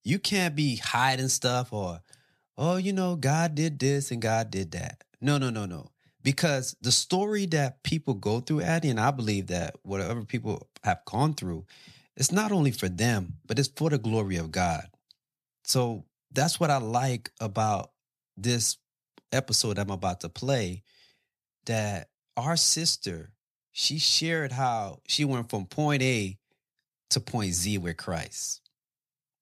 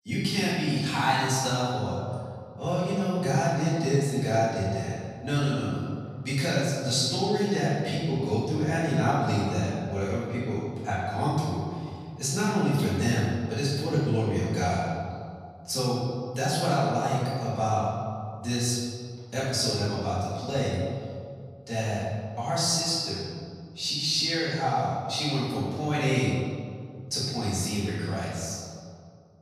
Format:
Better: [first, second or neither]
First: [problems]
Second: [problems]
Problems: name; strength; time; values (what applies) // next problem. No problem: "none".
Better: first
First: none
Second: off-mic speech; far // room echo; strong; dies away in 2 s